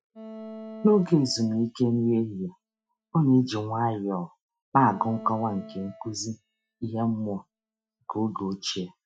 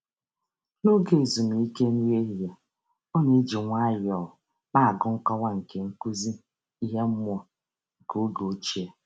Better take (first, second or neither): second